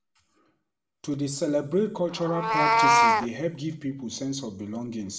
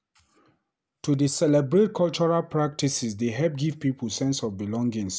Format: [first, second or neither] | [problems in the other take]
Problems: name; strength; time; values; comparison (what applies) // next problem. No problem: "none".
second | background sound (Meow); 2 dB above the speech // room echo; dies away in 0.5 s